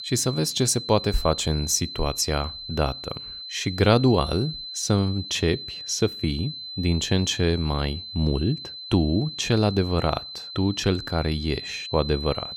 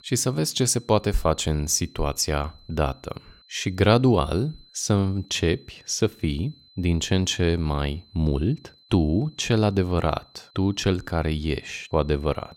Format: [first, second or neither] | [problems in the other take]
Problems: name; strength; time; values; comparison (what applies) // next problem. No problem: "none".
second | high-pitched whine; loud; throughout; 4 kHz, 9 dB below the speech; faint in the second